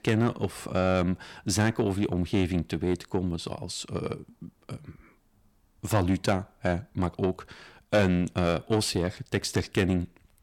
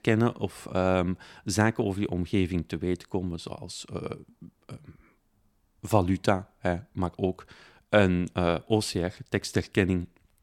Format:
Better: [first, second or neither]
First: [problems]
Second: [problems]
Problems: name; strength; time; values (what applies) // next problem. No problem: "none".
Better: second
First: distortion; slight; 10 dB below the speech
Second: none